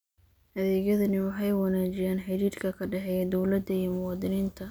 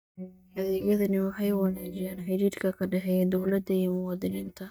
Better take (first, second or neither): first